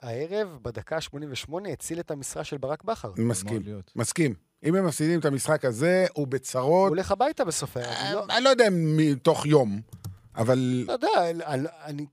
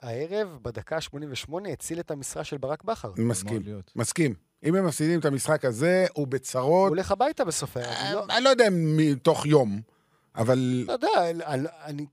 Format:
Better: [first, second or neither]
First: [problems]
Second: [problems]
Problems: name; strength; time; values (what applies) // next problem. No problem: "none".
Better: second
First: keyboard typing; faint; at 10 s; peak 15 dB below the speech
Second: none